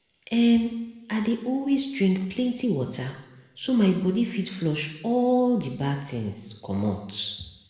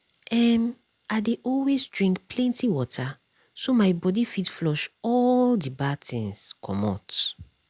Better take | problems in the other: second | room echo; dies away in 1 s

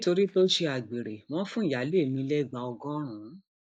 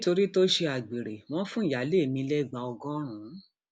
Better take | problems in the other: second | noise reduction (neural mask model DeepFilterNet 3)

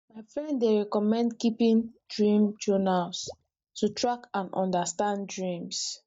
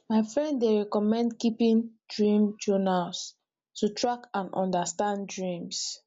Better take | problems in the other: second | noise reduction (neural mask model DeepFilterNet 3)

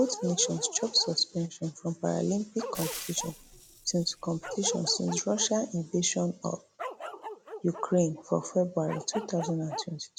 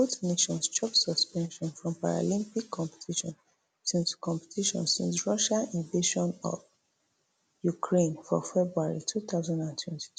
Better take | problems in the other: second | background sound (Frying (food) + Bark); 11 dB below the speech

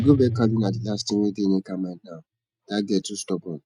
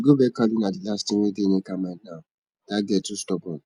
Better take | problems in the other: second | noise reduction (neural mask model RNNoise)

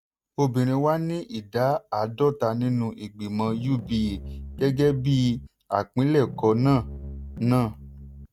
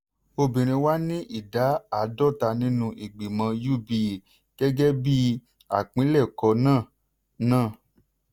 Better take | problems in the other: second | noise reduction (neural mask model RNNoise)

